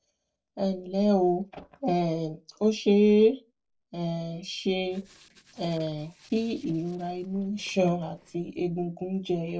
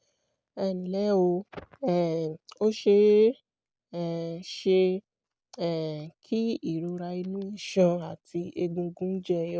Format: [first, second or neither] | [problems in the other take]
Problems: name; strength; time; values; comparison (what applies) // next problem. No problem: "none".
second | noise reduction (neural separator model SepFormer DNS4)